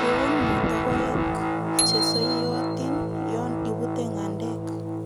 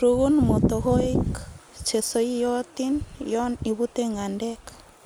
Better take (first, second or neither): second